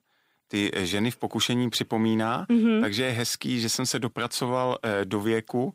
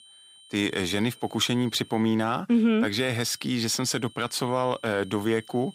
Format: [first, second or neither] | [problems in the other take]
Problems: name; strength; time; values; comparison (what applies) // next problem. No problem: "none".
first | high-pitched whine; faint; until 2 s and from 3.5 s on; 3 kHz, 25 dB below the speech